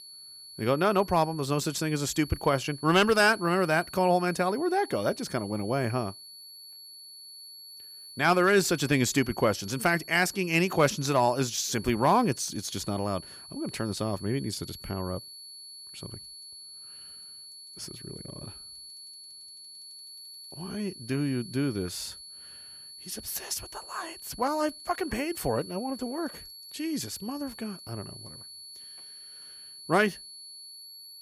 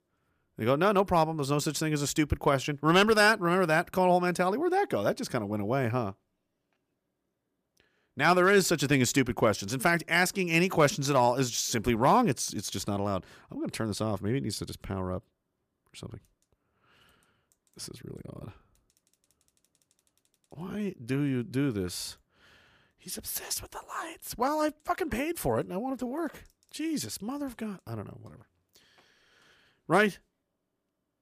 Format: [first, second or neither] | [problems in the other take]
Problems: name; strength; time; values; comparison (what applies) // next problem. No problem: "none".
second | high-pitched whine; noticeable; throughout; 4.5 kHz, 15 dB below the speech